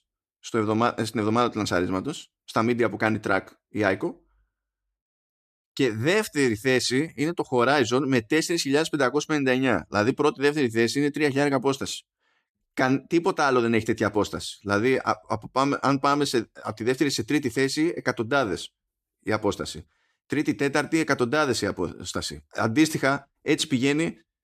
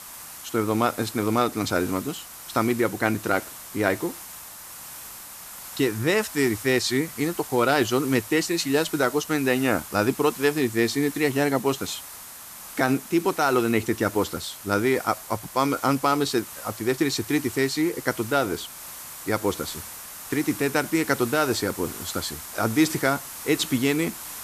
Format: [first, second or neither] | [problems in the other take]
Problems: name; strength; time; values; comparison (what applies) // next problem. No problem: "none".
first | hiss; noticeable; throughout; 10 dB below the speech